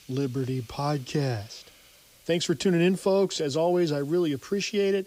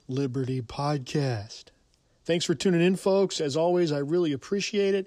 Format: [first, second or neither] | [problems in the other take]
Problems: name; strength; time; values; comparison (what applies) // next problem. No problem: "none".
second | hiss; faint; throughout; 25 dB below the speech